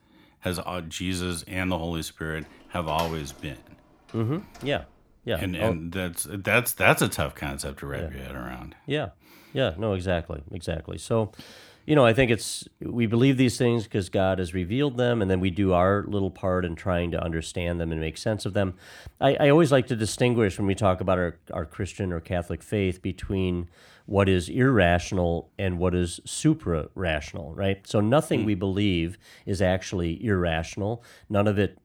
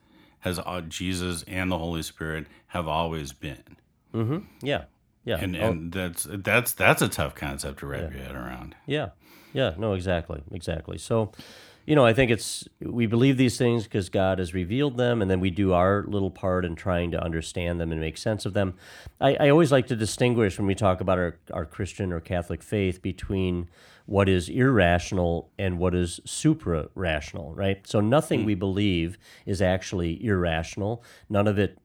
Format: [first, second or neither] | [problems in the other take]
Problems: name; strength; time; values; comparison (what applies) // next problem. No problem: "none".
second | door banging; faint; from 2.5 to 5 s; peak 15 dB below the speech